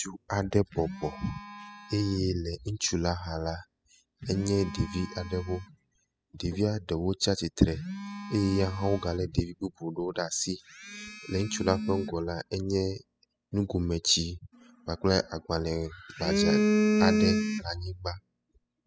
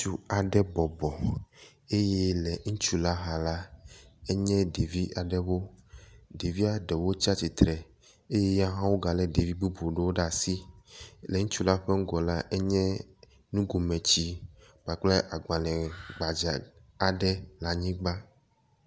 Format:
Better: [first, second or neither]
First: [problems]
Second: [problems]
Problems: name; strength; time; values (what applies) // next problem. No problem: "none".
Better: second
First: noise reduction (classical method spectral subtraction)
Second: none